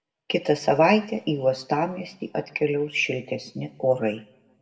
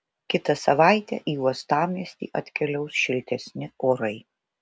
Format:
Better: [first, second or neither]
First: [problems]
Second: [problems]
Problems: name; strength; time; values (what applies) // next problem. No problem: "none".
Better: second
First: room echo; dies away in 0.5 s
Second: none